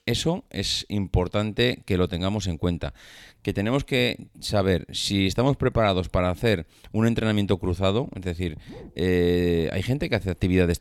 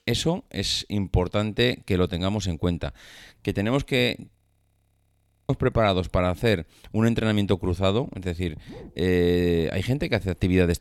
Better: first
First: none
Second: audio freezing; at 4.5 s for 1 s

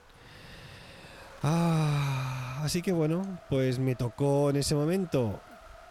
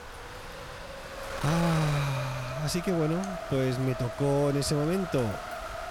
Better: first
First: wind noise on the microphone; occasional gusts; 20 dB below the speech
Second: wind noise on the microphone; heavy; 4 dB below the speech

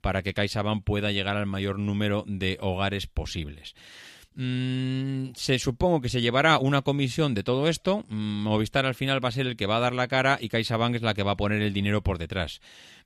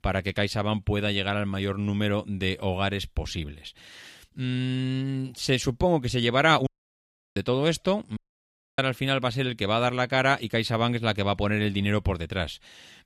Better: first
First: none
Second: audio cutting out; at 6.5 s for 0.5 s and at 8 s for 0.5 s

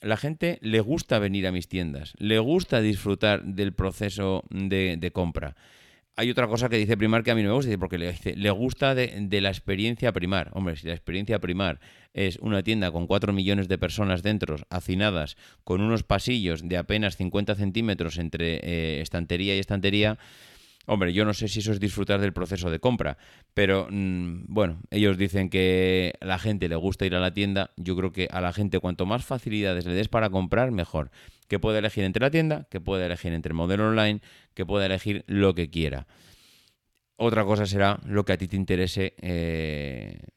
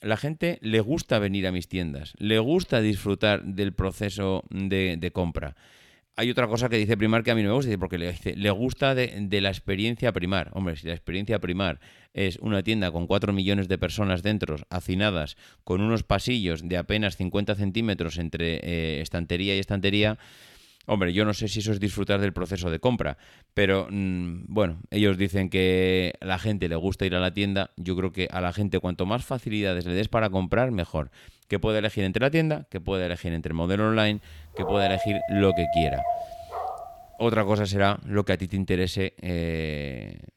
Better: first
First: none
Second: dog barking; loud; from 35 to 37 s; peak level with the speech

